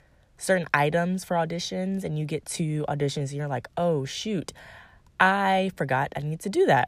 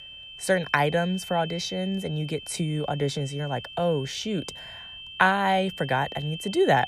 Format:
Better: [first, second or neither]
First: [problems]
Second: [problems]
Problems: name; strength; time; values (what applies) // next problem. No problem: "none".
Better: first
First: none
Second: high-pitched whine; noticeable; throughout; 3 kHz, 10 dB below the speech